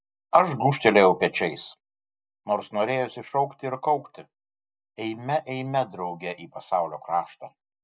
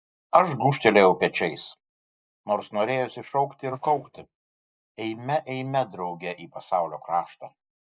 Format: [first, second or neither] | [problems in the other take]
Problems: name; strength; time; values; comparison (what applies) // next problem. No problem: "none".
first | noise reduction (neural mask model Resemble Enhance denoiser)